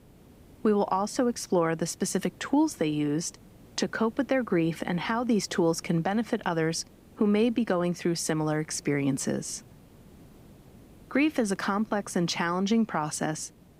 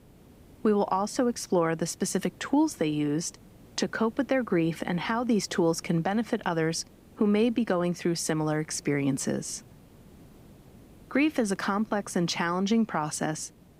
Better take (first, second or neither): neither